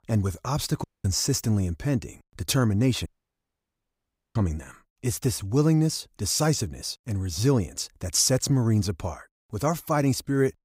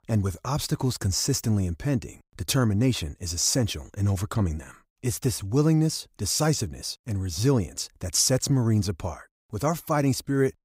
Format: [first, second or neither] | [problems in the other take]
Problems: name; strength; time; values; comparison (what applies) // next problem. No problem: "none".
second | audio cutting out; at 1 s and at 3 s for 1.5 s